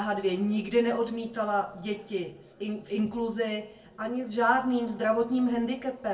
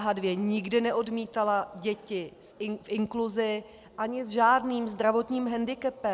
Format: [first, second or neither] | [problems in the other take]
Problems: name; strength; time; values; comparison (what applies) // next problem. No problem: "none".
second | room echo; dies away in 0.3 s